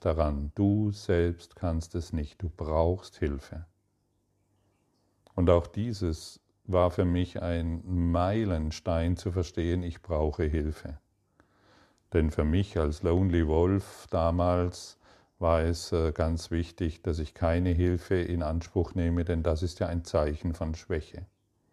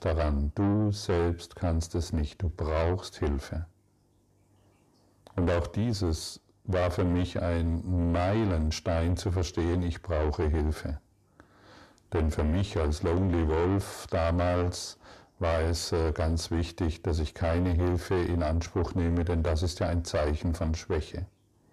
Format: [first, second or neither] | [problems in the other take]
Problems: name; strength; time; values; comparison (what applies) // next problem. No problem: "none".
first | distortion; heavy; 6 dB below the speech